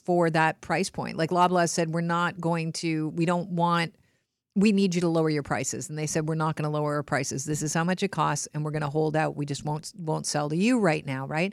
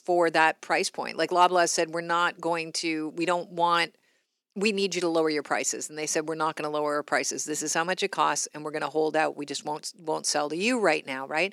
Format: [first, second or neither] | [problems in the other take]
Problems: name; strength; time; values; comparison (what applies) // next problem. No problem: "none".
first | thin; somewhat; fading below 300 Hz